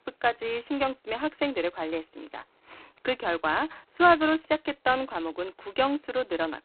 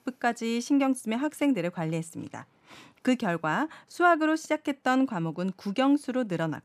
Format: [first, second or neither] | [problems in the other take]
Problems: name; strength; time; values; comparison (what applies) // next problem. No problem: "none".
second | phone-call audio; poor line; nothing above 4 kHz